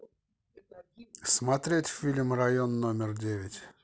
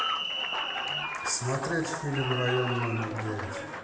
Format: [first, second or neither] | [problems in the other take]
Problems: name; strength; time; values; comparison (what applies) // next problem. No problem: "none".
first | background sound (Applause); 2 dB below the speech // room echo; dies away in 1.4 s